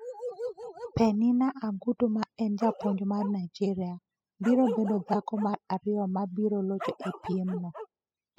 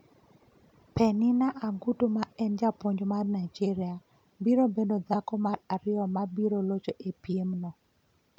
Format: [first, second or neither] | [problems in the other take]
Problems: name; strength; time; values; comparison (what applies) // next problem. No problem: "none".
second | noise reduction (classical method spectral subtraction)